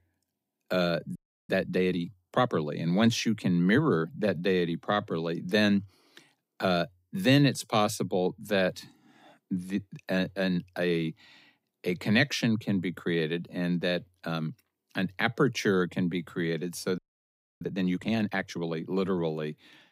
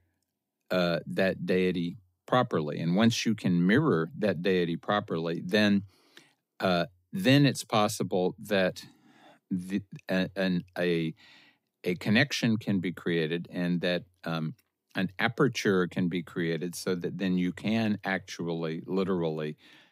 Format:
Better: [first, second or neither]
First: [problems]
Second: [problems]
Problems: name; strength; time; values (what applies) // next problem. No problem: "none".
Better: second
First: audio freezing; at 1 s and at 17 s for 0.5 s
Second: none